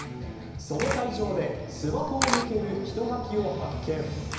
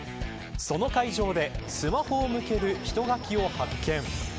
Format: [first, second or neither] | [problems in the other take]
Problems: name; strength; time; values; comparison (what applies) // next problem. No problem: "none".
second | background sound (Camera); 7 dB below the speech // room echo; dies away in 1 s